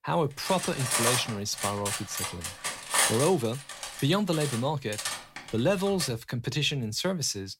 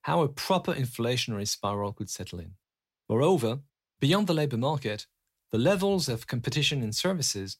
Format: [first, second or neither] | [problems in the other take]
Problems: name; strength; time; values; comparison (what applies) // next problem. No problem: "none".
second | clattering dishes; loud; until 6 s; peak 5 dB above the speech